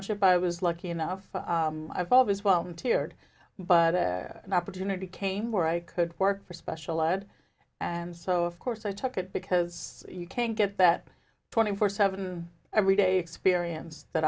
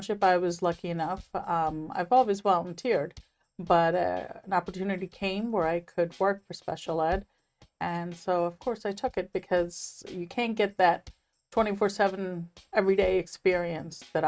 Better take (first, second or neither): first